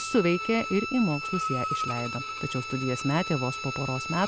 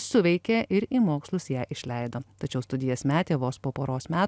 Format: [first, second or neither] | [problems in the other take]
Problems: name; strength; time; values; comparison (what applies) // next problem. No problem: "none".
second | background sound (Bowed string instrument); 5 dB below the speech